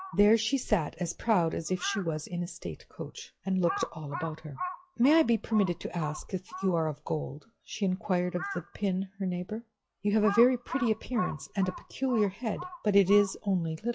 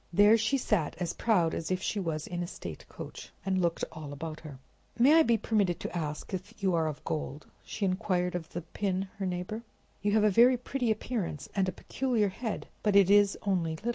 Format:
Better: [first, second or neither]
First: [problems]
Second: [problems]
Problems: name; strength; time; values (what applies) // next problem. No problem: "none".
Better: second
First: noise reduction (classical method log-MMSE)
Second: none